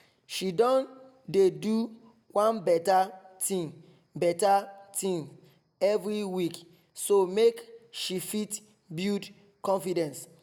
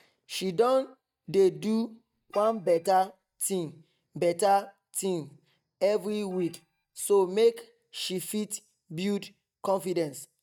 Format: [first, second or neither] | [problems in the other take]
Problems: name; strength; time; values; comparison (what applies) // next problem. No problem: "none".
first | noise reduction (neural mask model DeepFilterNet 3)